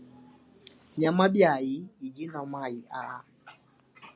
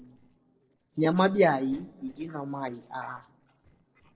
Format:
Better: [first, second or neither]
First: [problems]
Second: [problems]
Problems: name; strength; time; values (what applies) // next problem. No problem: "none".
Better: first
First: none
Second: noise reduction (neural separator model SepFormer DNS4)